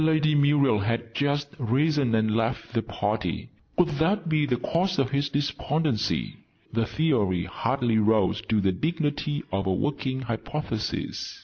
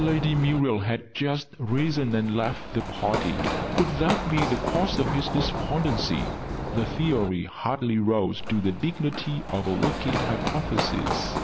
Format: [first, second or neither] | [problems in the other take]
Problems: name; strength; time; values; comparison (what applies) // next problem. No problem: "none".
first | background sound (Run); 4 dB below the speech